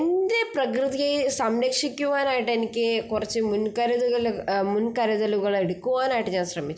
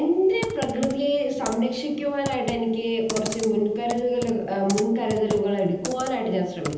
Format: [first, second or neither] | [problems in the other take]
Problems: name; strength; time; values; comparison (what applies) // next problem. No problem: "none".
first | background sound (Computer keyboard); 12 dB below the speech // room echo; dies away in 0.9 s